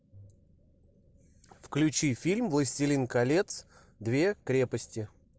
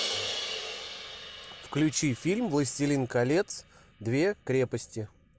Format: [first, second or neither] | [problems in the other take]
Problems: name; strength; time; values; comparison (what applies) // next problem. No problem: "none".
first | background sound (Crash cymbal); 10 dB below the speech